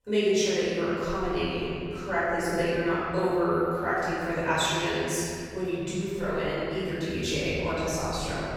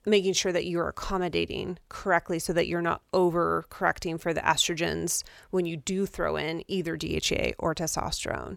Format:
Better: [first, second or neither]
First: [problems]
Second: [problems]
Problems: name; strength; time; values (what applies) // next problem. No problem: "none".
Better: second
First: off-mic speech; far // room echo; strong; dies away in 2.4 s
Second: none